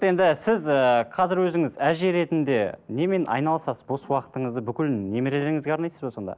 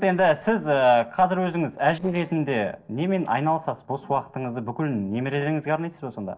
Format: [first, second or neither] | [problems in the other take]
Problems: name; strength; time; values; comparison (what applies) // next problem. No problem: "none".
first | noise reduction (neural separator model SepFormer DNS4)